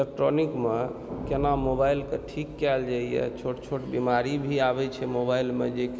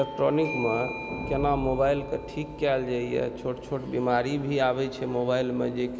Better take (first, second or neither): first